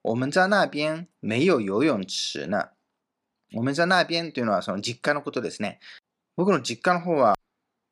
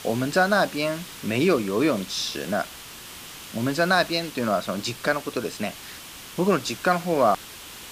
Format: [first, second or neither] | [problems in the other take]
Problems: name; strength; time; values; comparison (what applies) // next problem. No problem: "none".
first | hiss; noticeable; throughout; 15 dB below the speech